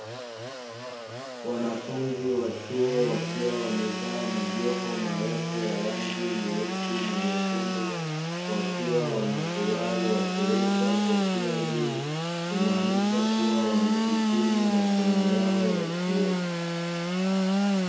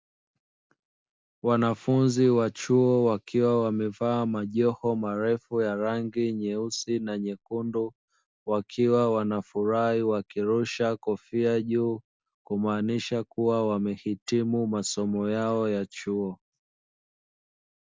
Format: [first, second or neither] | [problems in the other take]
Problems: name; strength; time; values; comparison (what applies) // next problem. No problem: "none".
second | background sound (Sawing / Engine); 3 dB above the speech // room echo; dies away in 0.7 s